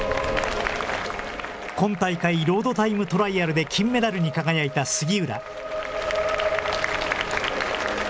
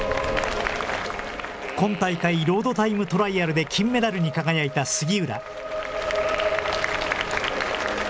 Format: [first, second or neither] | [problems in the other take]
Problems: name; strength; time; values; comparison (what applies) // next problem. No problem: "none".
first | background sound (Fart); 17 dB below the speech